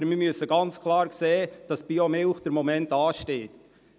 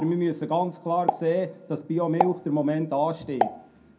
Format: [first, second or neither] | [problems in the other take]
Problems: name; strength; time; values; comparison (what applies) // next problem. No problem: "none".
first | background sound (Explosion); 6 dB below the speech // room echo; dies away in 0.2 s